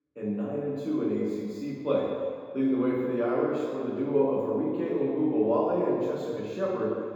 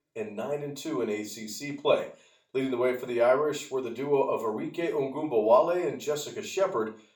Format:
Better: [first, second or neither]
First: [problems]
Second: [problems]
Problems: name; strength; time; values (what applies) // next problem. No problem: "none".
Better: second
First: room echo; strong; dies away in 1.8 s // off-mic speech; far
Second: room echo; slight; dies away in 0.4 s // off-mic speech; far